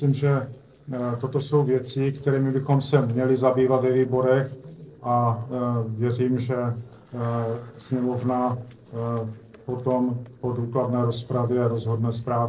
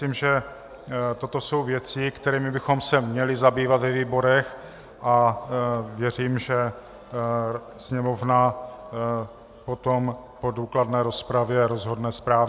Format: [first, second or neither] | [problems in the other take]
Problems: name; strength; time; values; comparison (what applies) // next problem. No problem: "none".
second | noise reduction (neural separator model SepFormer DNS4)